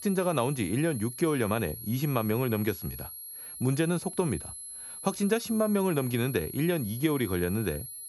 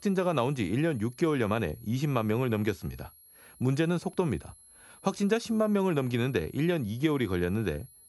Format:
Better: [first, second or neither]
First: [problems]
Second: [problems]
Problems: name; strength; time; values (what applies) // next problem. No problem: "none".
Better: second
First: high-pitched whine; loud; throughout; 11.5 kHz, 10 dB below the speech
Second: high-pitched whine; faint; throughout; 11.5 kHz, 25 dB below the speech